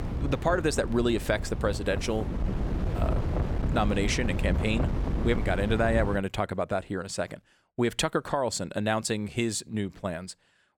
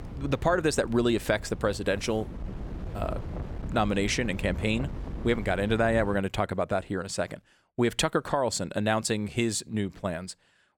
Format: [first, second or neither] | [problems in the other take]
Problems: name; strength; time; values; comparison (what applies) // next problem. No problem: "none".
second | wind noise on the microphone; heavy; until 6 s; 9 dB below the speech; occasional gusts in the second